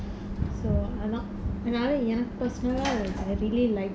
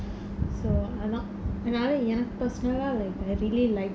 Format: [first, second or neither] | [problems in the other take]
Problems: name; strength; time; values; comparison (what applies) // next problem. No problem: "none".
second | background sound (Sliding door / Slam + Purr); 13 dB below the speech